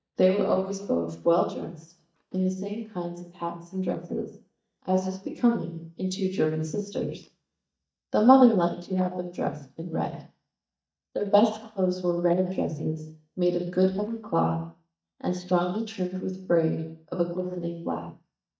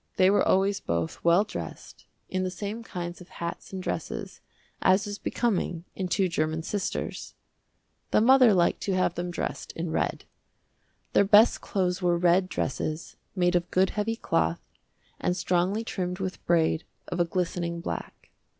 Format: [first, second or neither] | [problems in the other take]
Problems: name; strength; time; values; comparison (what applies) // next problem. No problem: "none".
second | noise reduction (neural mask model DeepFilterNet 3)